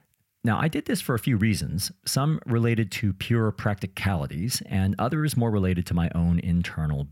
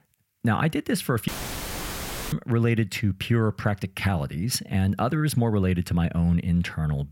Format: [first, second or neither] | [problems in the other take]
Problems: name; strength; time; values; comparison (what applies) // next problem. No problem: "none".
first | audio cutting out; filled with static; at 1.5 s for 1 s